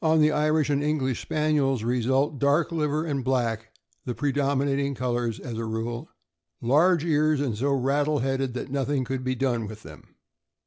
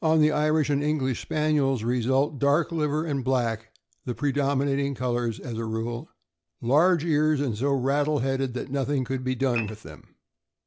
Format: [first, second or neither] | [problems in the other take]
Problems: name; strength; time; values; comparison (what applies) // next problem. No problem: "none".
first | background sound (Dishes, pots, and pans / Glass); 10 dB below the speech